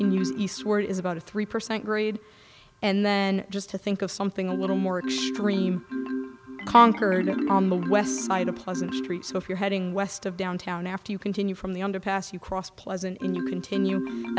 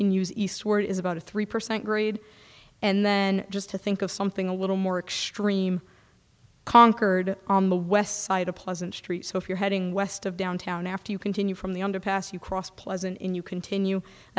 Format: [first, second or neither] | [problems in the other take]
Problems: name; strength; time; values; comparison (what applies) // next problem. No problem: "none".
second | background sound (Marimba, xylophone); 8 dB below the speech